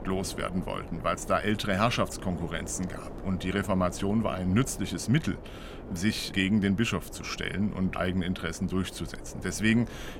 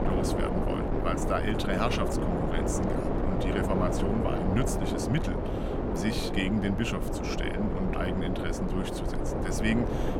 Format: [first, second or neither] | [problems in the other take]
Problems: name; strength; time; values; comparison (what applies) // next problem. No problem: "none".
first | wind noise on the microphone; heavy; 1 dB above the speech; occasional gusts in the first